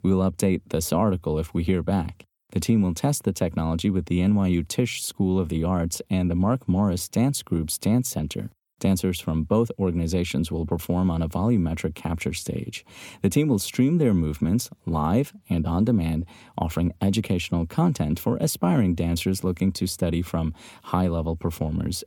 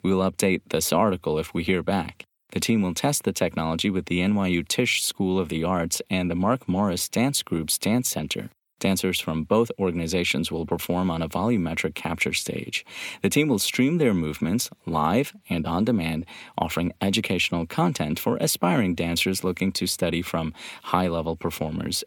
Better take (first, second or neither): first